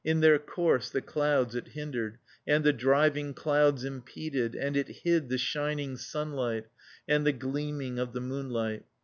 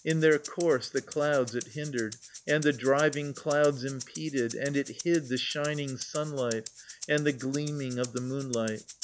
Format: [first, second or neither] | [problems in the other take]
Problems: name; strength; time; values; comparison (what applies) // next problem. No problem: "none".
first | background sound (Rattle (instrument)); 15 dB below the speech